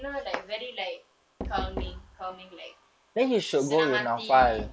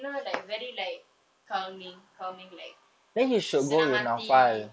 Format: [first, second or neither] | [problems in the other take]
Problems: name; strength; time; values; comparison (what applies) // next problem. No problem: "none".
second | background sound (Knock); 13 dB below the speech